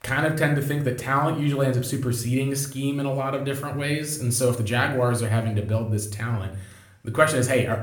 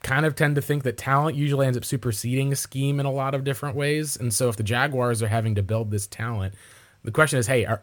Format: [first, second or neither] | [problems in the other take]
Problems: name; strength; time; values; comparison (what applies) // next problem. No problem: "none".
second | room echo; slight; dies away in 0.5 s